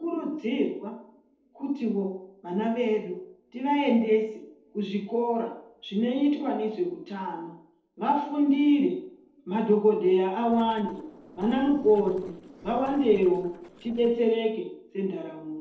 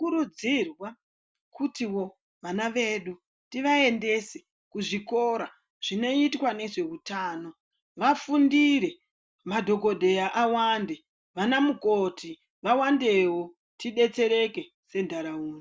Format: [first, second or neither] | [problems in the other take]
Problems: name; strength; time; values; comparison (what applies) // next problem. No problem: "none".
second | noise reduction (neural separator model SepFormer DNS4)